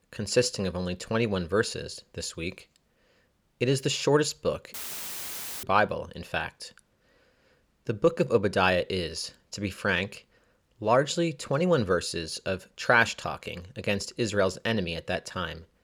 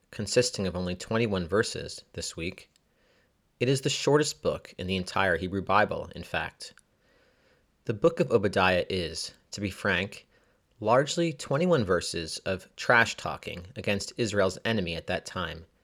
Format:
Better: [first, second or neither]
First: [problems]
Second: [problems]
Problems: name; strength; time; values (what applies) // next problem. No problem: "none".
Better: second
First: audio cutting out; filled with static; at 4.5 s for 1 s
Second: none